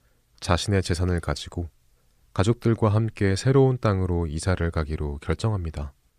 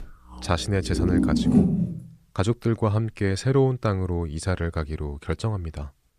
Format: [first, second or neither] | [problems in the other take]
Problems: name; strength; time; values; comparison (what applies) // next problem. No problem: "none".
first | household noises; very loud; until 1.5 s; 3 dB above the speech